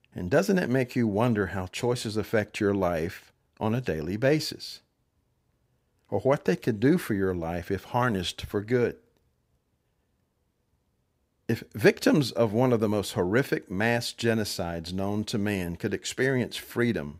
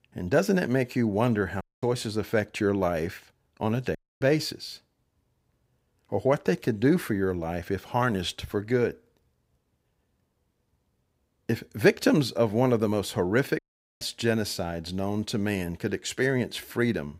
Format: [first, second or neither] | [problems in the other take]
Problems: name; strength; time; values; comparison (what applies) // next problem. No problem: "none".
first | audio cutting out; at 1.5 s, at 4 s and at 14 s